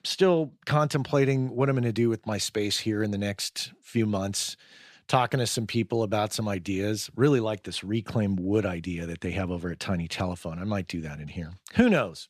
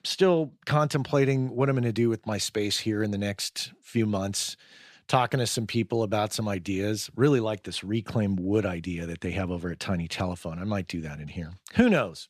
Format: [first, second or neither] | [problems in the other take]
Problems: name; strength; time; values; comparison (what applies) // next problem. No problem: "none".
neither | none